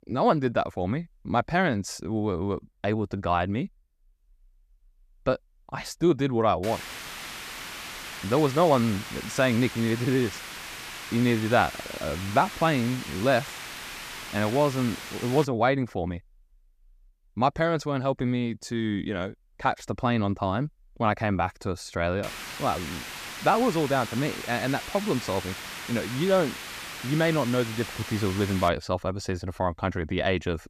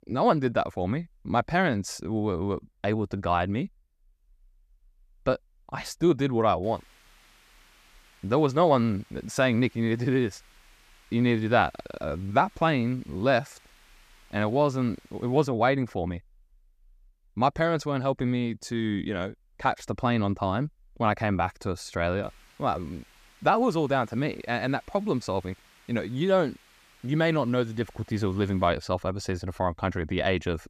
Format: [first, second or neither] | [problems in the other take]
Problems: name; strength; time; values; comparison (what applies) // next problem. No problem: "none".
second | hiss; loud; from 6.5 to 15 s and from 22 to 29 s; 10 dB below the speech; faint in the second